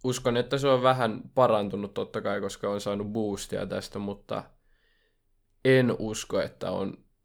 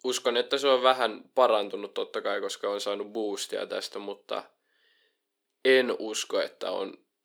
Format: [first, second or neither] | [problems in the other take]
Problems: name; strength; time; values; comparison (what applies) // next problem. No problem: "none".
first | thin; somewhat; fading below 350 Hz